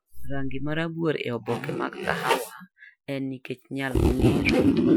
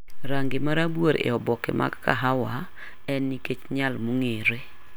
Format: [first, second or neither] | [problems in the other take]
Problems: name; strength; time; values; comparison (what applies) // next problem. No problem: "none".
second | noise reduction (classical method Wiener filter)